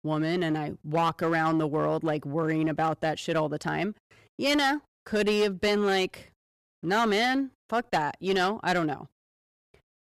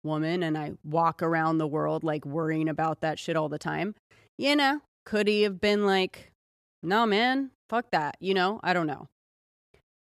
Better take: second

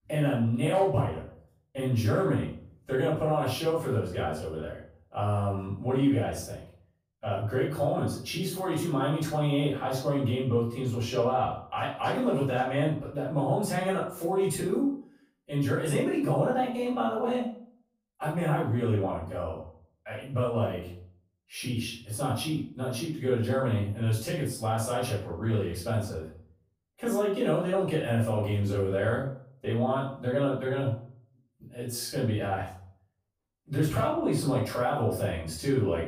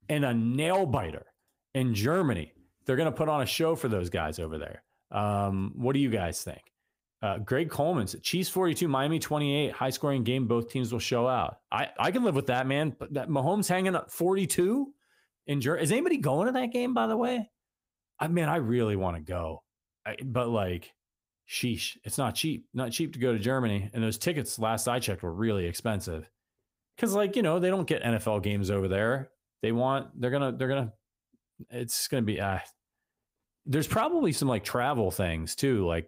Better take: second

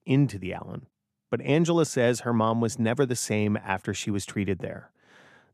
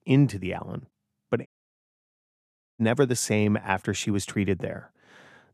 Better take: first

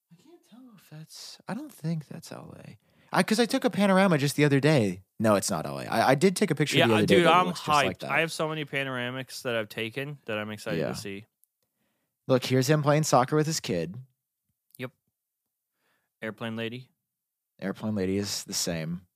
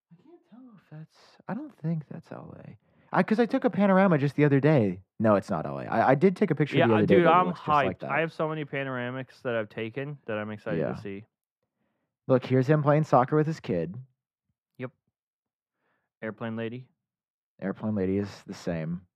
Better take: first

